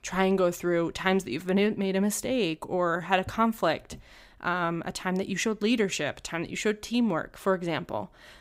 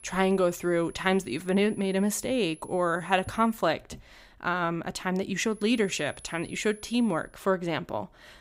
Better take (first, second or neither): first